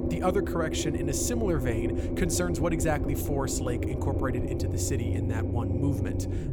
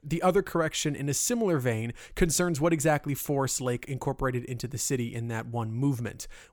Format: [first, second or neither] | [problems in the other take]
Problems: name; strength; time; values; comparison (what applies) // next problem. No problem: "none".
second | low rumble; loud; throughout; 3 dB below the speech